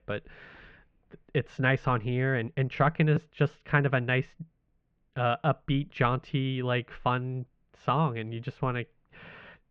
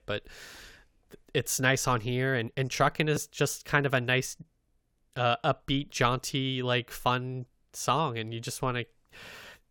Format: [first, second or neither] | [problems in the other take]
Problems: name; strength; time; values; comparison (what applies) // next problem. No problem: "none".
second | muffled; very; fading above 2.5 kHz